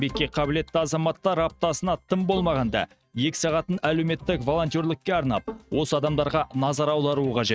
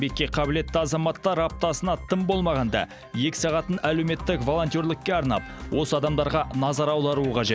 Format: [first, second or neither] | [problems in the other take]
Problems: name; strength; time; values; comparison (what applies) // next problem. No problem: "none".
second | noise reduction (neural mask model RNNoise)